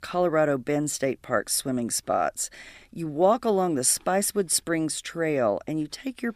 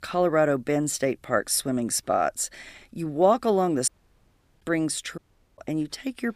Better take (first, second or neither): first